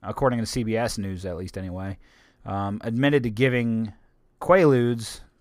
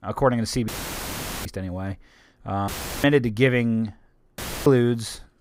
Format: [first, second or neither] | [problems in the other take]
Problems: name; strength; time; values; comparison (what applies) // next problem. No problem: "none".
first | audio cutting out; filled with static; at 0.5 s for 1 s, at 2.5 s and at 4.5 s